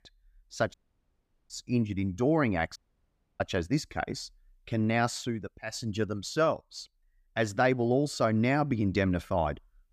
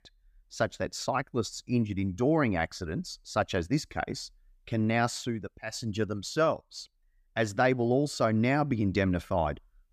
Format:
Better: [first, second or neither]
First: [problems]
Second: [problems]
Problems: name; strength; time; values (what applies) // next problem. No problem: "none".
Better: second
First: audio cutting out; at 0.5 s for 1 s and at 3 s for 0.5 s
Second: none